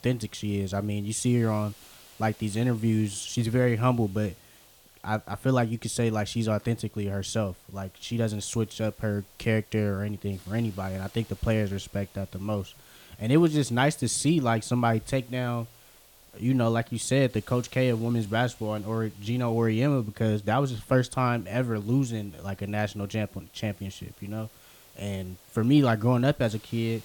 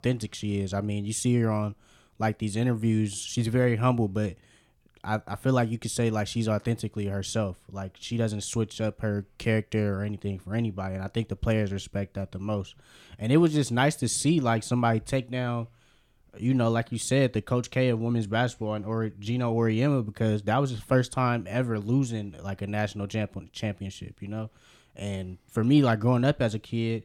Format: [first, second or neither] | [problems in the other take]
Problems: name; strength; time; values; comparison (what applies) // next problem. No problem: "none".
second | hiss; faint; throughout; 25 dB below the speech